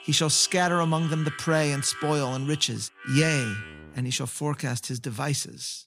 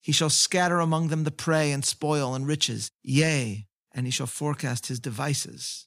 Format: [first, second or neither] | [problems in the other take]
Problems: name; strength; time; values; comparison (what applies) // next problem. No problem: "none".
second | background music; noticeable; until 4 s; 15 dB below the speech